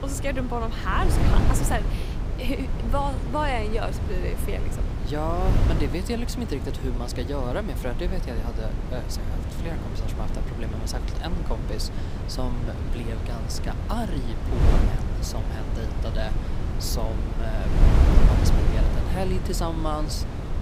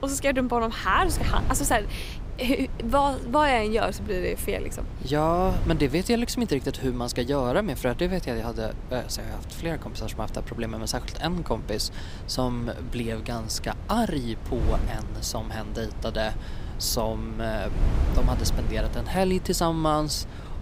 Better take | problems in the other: second | wind noise on the microphone; heavy; 4 dB below the speech; occasional gusts in the second

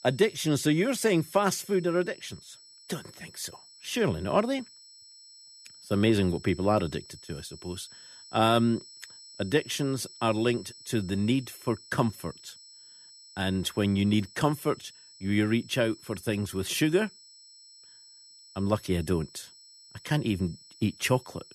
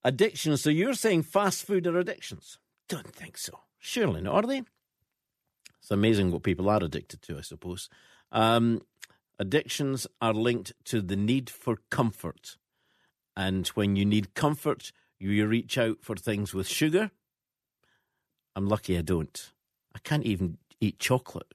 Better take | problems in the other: second | high-pitched whine; faint; throughout; 5.5 kHz, 20 dB below the speech

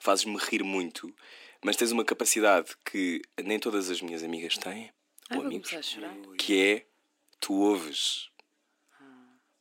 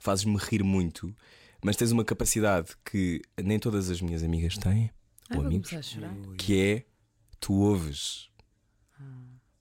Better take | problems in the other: second | thin; somewhat; fading below 250 Hz

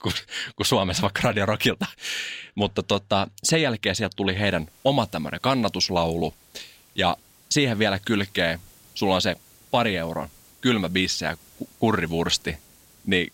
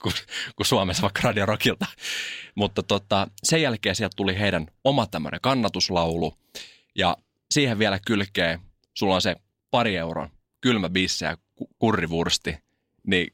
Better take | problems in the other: second | hiss; faint; from 4.5 s on; 25 dB below the speech

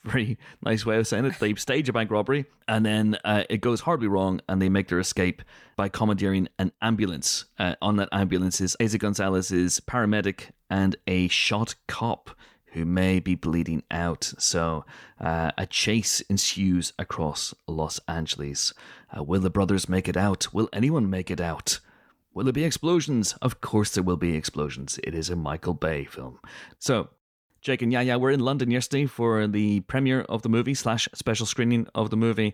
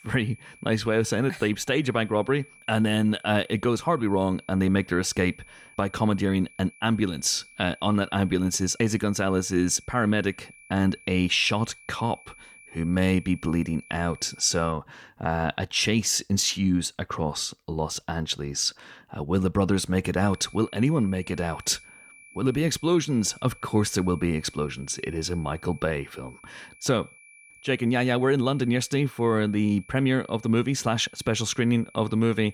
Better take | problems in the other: first | high-pitched whine; faint; until 15 s and from 20 s on; 2.5 kHz, 25 dB below the speech

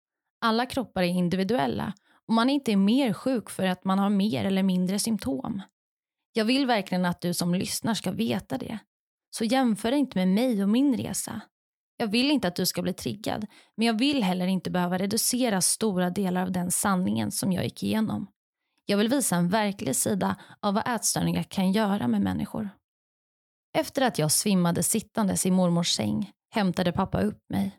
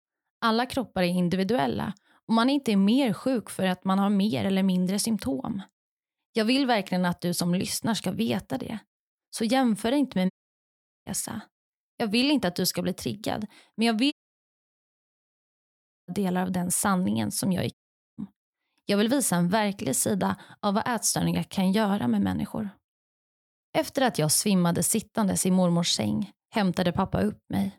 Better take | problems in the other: first | audio cutting out; at 10 s for 1 s, at 14 s for 2 s and at 18 s

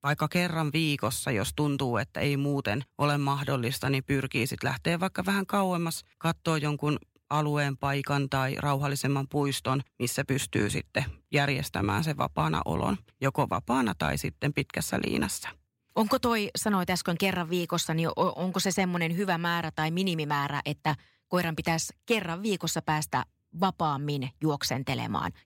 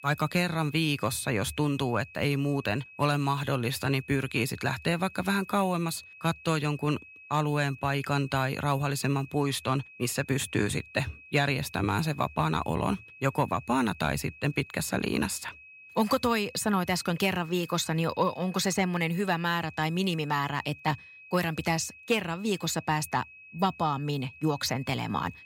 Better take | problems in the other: first | high-pitched whine; noticeable; throughout; 2.5 kHz, 20 dB below the speech

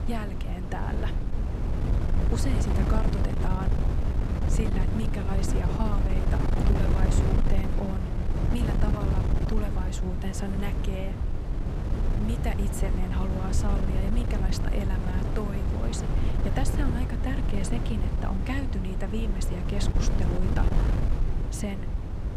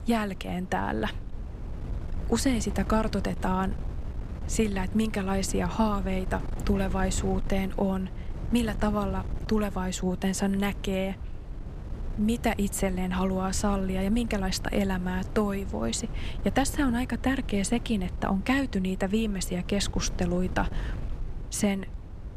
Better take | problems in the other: second | wind noise on the microphone; heavy; as loud as the speech; occasional gusts in the second

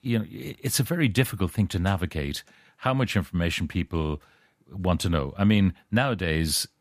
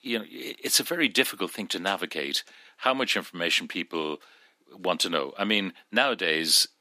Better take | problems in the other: first | thin; somewhat; fading below 300 Hz

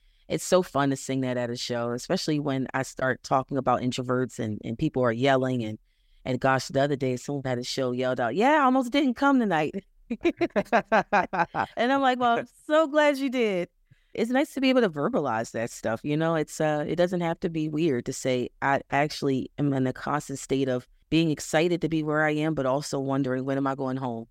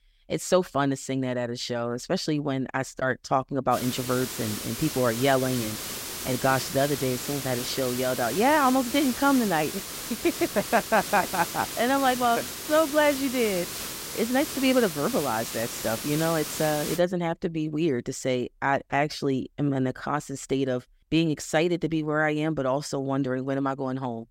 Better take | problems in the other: first | hiss; loud; from 3.5 to 17 s; 6 dB below the speech

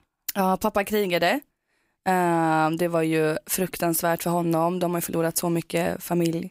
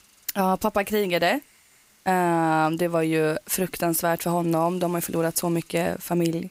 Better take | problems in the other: first | hiss; faint; throughout; 30 dB below the speech

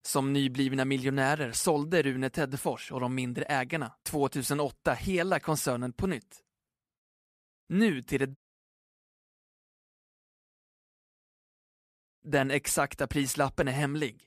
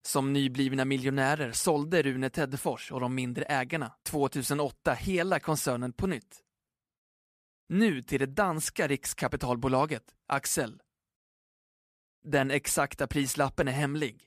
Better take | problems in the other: second | audio cutting out; at 8.5 s for 3 s

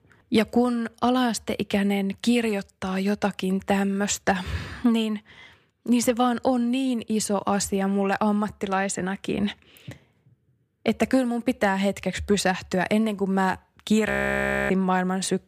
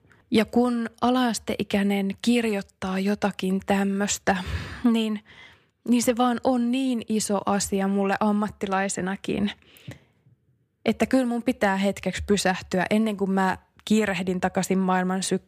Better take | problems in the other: second | audio freezing; at 14 s for 0.5 s

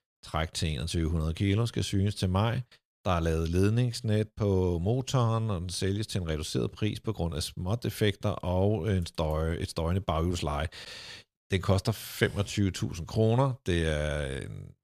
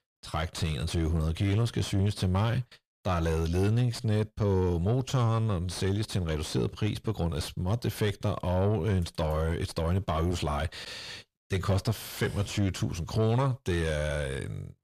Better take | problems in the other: first | distortion; slight; 10 dB below the speech

